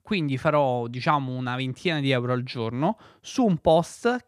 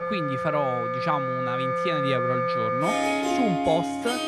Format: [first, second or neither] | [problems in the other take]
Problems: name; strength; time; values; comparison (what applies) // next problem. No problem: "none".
first | background music; very loud; throughout; 3 dB above the speech